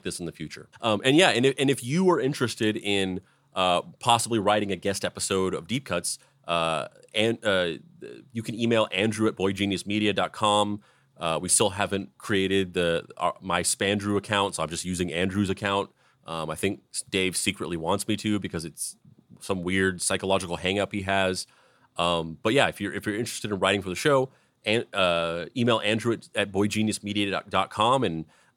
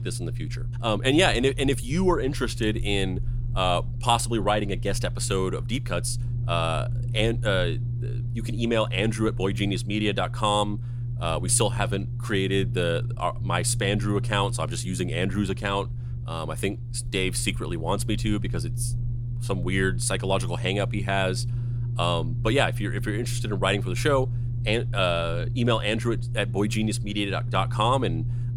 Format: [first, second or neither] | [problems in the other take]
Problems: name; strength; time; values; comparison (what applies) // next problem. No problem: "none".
first | low rumble; noticeable; throughout; 15 dB below the speech